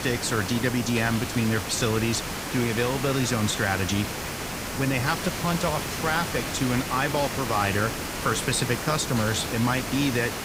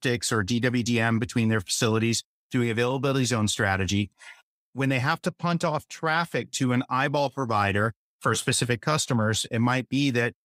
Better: second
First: hiss; loud; throughout; 4 dB below the speech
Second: none

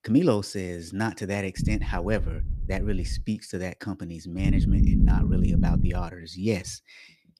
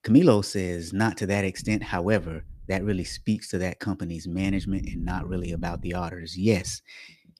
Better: second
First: low rumble; loud; from 1.5 to 3 s and from 4.5 to 6 s; 2 dB below the speech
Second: low rumble; faint; from 1.5 to 3 s and from 4.5 to 6 s; 20 dB below the speech

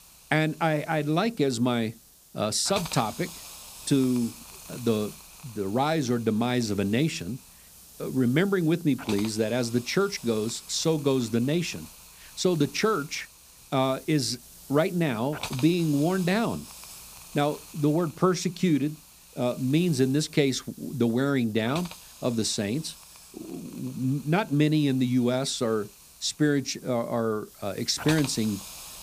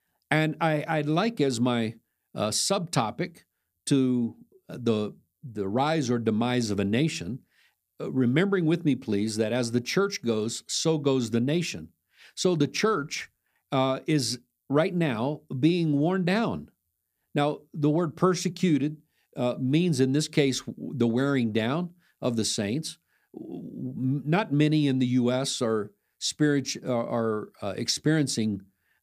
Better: second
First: hiss; noticeable; throughout; 15 dB below the speech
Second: none

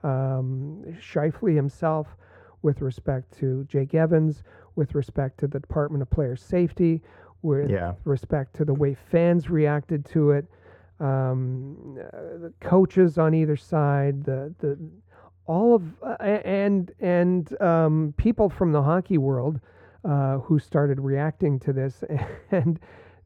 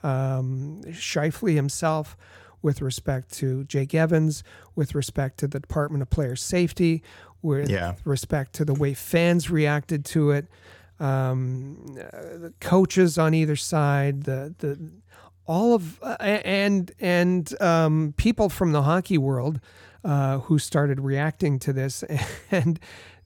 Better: second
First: muffled; very; fading above 3 kHz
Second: none

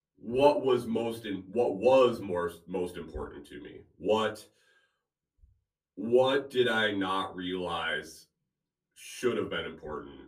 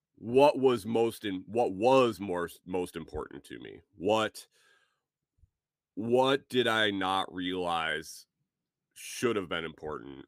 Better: second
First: off-mic speech; far // room echo; very slight; dies away in 0.3 s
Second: none

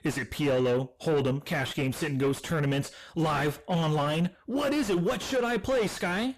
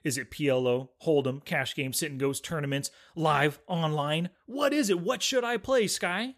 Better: second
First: distortion; heavy; 5 dB below the speech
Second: none

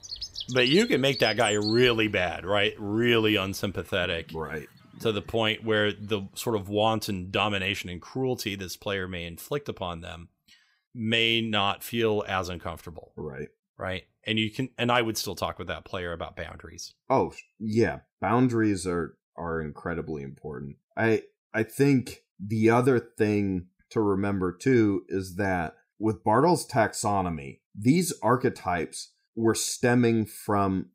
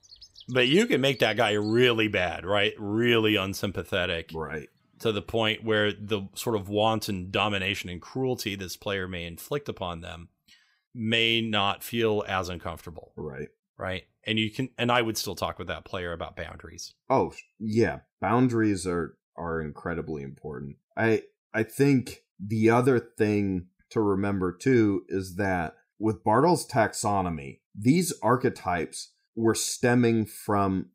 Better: second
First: animal sounds; loud; until 6.5 s; 9 dB below the speech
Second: animal sounds; faint; until 6.5 s; 20 dB below the speech

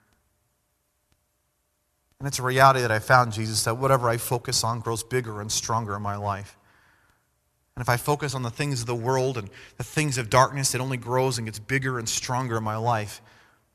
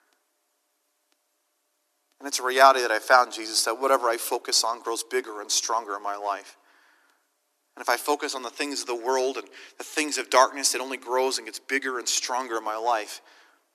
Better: first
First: none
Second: thin; somewhat; fading below 300 Hz

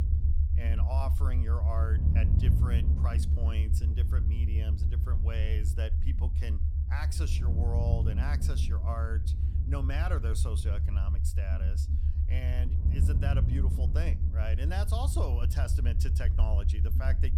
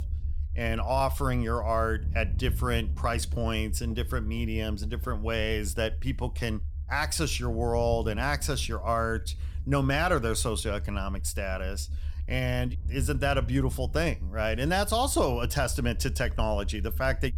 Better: second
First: low rumble; loud; throughout; 4 dB below the speech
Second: low rumble; faint; throughout; 25 dB below the speech

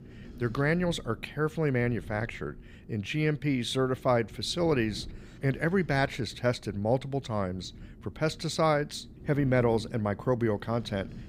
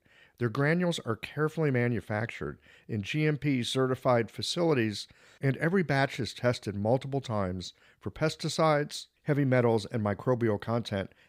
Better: second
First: wind noise on the microphone; occasional gusts; 25 dB below the speech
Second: none

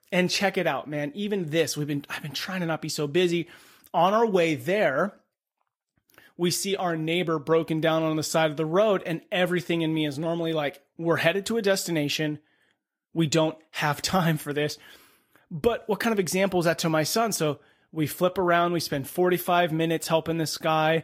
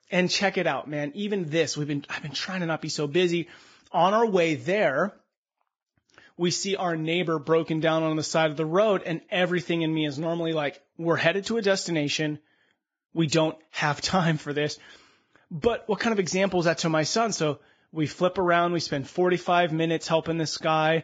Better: first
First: garbled, watery; slightly; nothing above 15 kHz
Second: garbled, watery; badly; nothing above 7.5 kHz

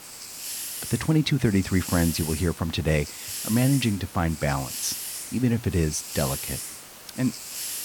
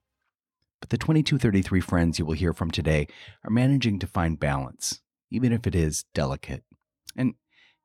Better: second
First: hiss; loud; throughout; 8 dB below the speech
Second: none

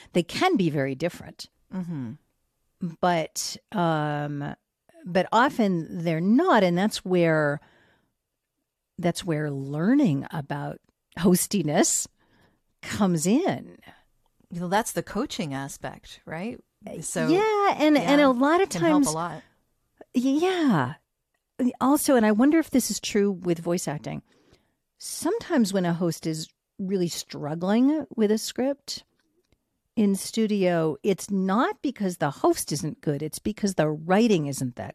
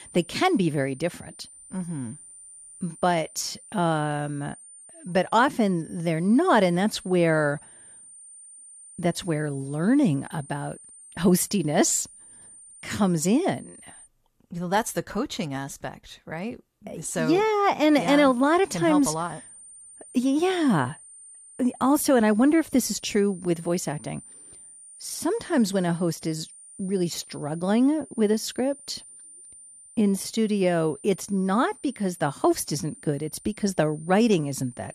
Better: first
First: none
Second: high-pitched whine; faint; until 14 s and from 18 s on; 9 kHz, 20 dB below the speech

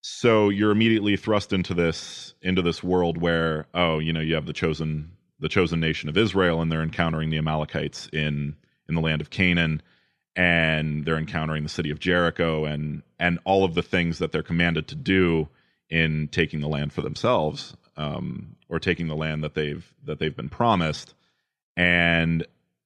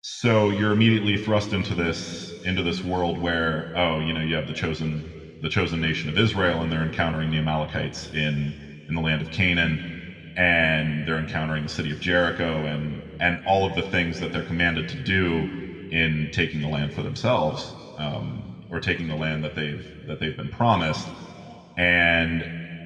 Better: first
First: none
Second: room echo; slight; dies away in 2 s

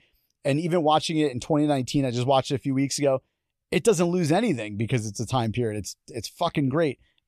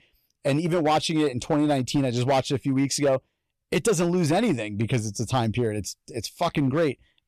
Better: first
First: none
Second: distortion; slight; 6% of the sound clipped

